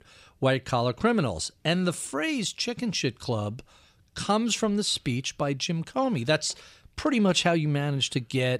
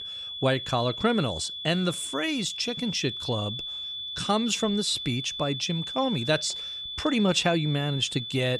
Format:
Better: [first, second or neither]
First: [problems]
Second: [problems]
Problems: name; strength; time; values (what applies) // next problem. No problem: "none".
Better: first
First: none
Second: high-pitched whine; loud; throughout; 3.5 kHz, 6 dB below the speech